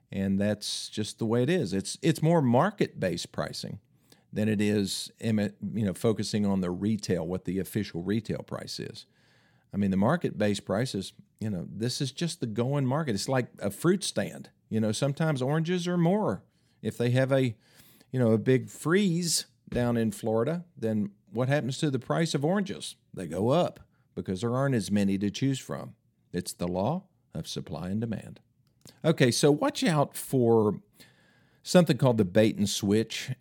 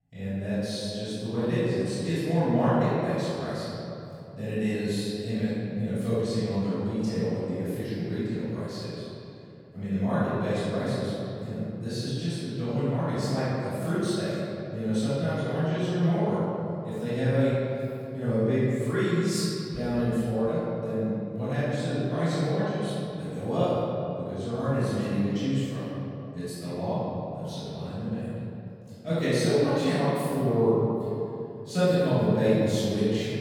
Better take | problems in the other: first | off-mic speech; far // room echo; strong; dies away in 2.6 s

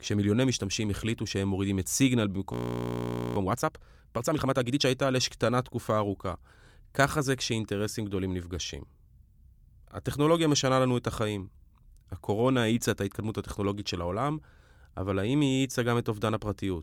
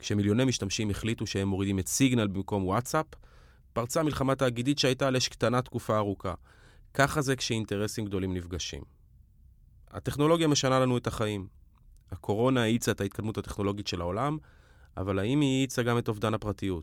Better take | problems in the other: second | audio freezing; at 2.5 s for 1 s

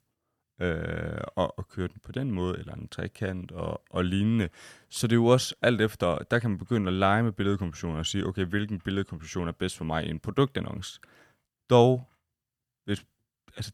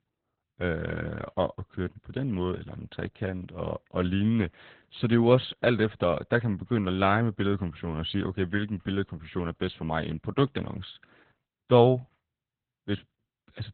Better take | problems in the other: first | garbled, watery; badly; nothing above 4 kHz

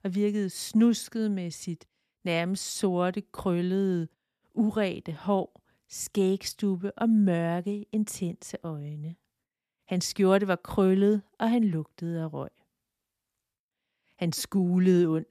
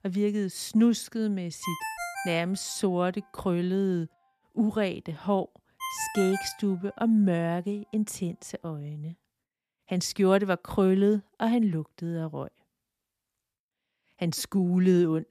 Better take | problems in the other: first | phone ringing; noticeable; from 1.5 to 6.5 s; peak 6 dB below the speech

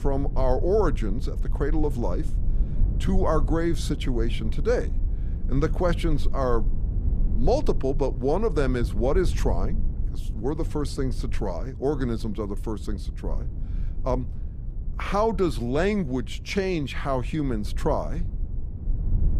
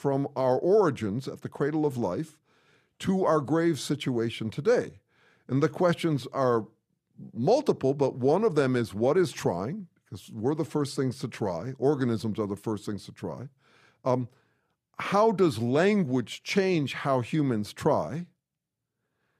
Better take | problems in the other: second | low rumble; noticeable; throughout; 20 dB below the speech

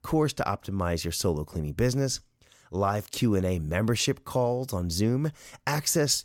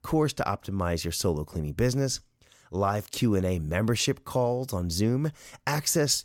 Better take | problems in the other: neither | none

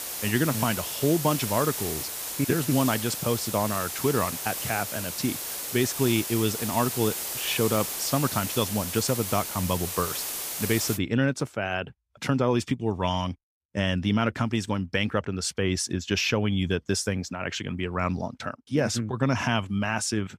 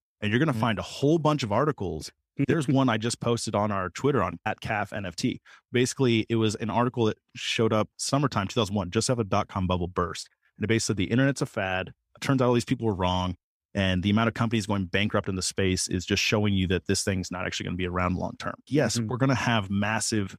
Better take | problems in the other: second | hiss; loud; until 11 s; 3 dB below the speech

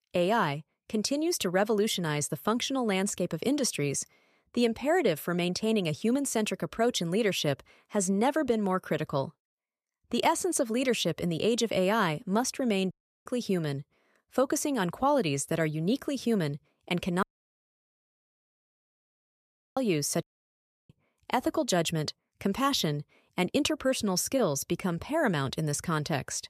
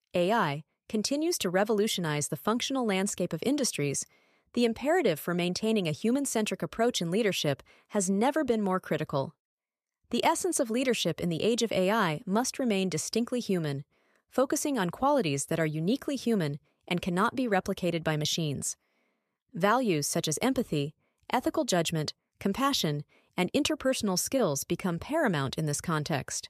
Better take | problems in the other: second | audio cutting out; at 13 s, at 17 s for 2.5 s and at 20 s for 0.5 s

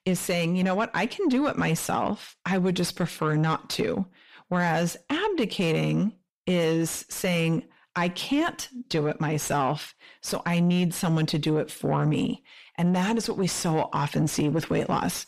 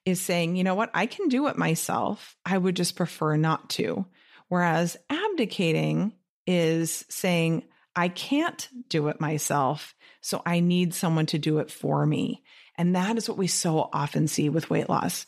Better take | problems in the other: second | distortion; slight; 10 dB below the speech

